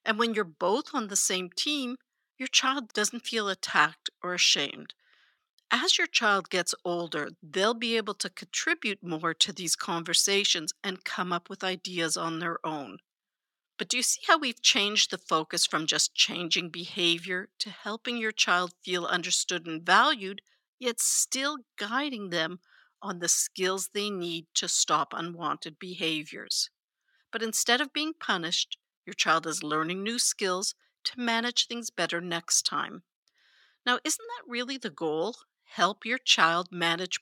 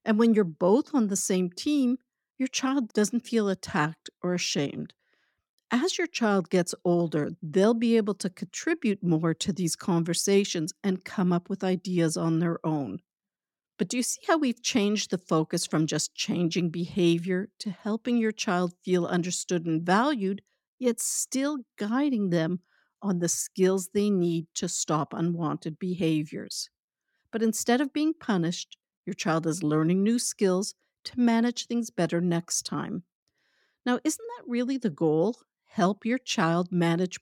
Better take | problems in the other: second | thin; somewhat; fading below 1 kHz

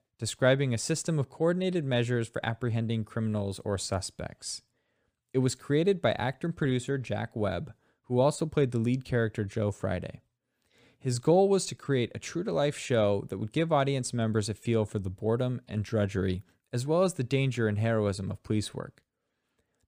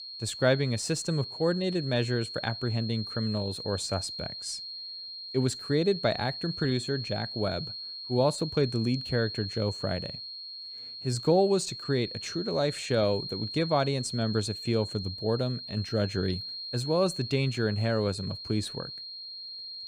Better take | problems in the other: first | high-pitched whine; loud; throughout; 4 kHz, 7 dB below the speech

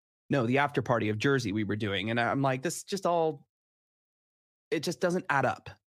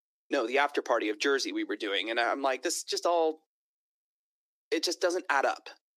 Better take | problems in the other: first | thin; somewhat; fading below 300 Hz

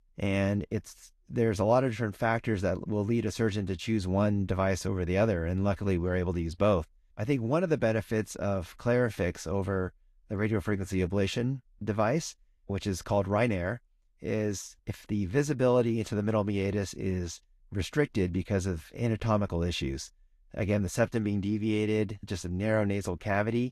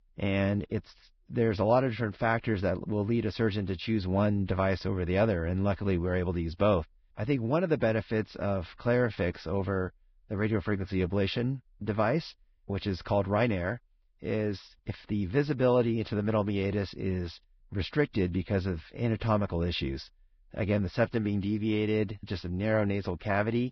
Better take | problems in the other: first | garbled, watery; badly; nothing above 5.5 kHz; slightly in the first

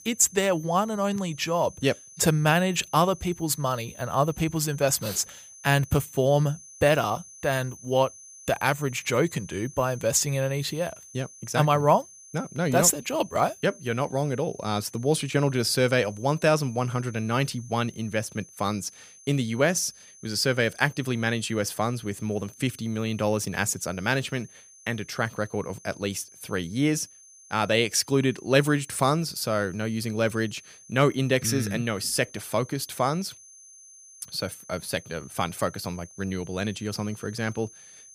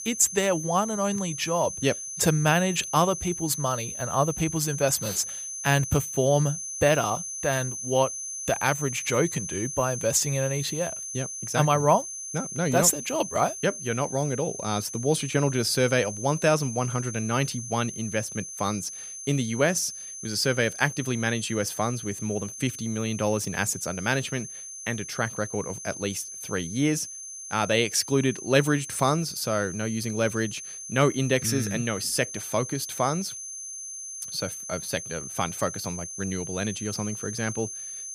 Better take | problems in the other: first | high-pitched whine; loud; throughout; 6.5 kHz, 8 dB below the speech; faint in the first

